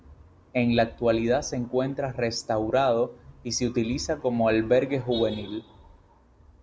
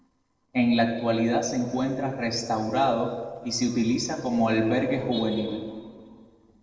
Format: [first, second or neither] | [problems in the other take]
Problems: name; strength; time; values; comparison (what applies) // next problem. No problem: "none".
first | noise reduction (neural separator model SepFormer DNS4)